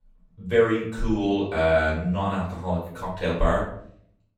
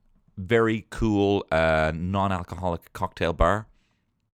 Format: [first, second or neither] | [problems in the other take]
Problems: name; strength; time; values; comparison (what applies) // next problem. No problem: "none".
second | room echo; noticeable; dies away in 0.5 s // off-mic speech; far